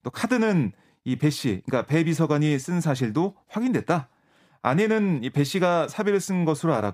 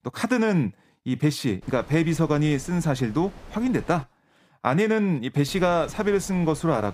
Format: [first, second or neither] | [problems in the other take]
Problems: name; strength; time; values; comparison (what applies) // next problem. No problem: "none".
first | wind noise on the microphone; occasional gusts; from 1.5 to 4 s and from 5.5 s on; 20 dB below the speech